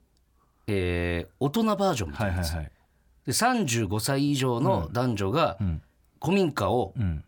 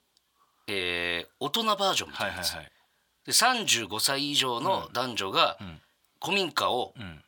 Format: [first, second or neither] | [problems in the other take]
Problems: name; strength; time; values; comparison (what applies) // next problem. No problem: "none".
first | thin; somewhat; fading below 1 kHz